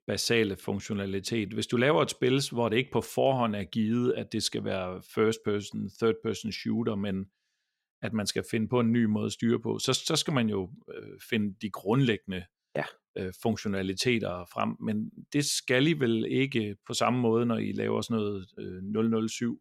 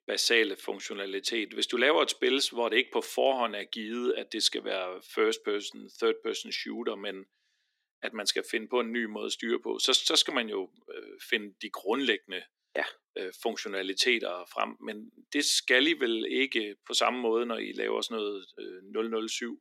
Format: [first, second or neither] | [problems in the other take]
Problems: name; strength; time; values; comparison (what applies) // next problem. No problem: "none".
first | thin; somewhat; fading below 300 Hz